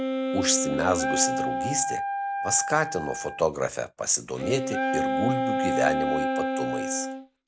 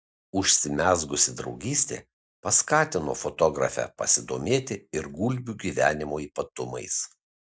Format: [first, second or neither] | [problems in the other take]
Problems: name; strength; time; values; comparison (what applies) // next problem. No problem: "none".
second | background sound (Wind instrument, woodwind instrument + Wind instrument, woodwind instrument); as loud as the speech